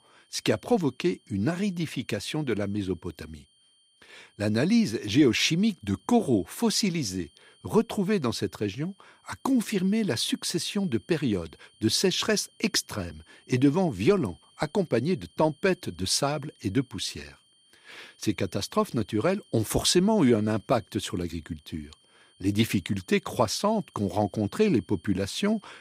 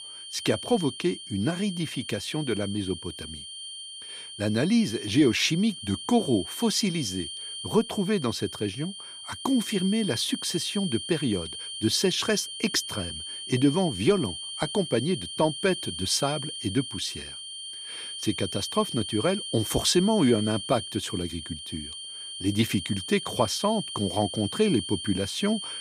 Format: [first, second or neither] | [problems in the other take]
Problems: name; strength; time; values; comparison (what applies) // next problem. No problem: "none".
first | high-pitched whine; loud; throughout; 3 kHz, 8 dB below the speech; faint in the first